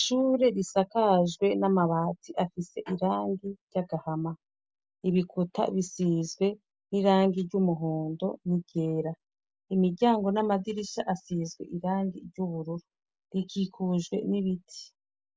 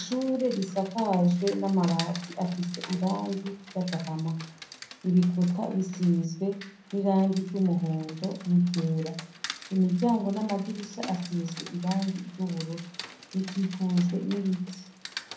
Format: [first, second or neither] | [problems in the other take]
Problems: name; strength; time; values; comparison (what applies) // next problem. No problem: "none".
first | background sound (Rain); 16 dB below the speech // room echo; dies away in 0.6 s